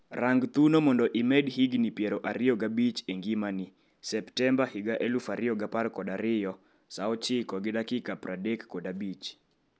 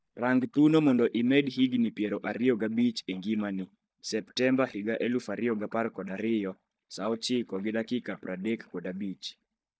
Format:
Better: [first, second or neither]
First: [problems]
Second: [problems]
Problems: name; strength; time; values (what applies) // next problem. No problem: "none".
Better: first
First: none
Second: noise reduction (neural mask model DeepFilterNet 3)